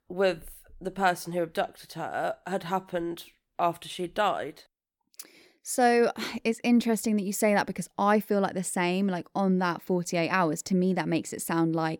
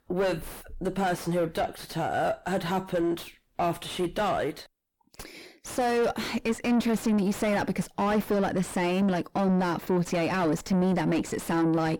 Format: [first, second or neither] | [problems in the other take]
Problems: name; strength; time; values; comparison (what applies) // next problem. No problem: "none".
first | distortion; heavy; 5 dB below the speech